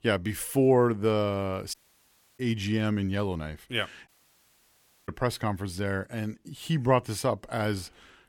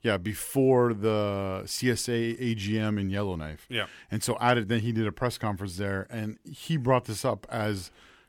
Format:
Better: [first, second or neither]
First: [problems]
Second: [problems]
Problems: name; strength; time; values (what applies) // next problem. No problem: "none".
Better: second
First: audio cutting out; at 1.5 s for 0.5 s and at 4 s for 1 s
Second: none